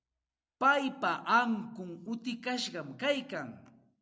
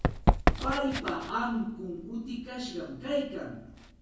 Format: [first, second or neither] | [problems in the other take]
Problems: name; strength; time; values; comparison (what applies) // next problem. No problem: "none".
first | background sound (Run); 2 dB above the speech // room echo; dies away in 0.6 s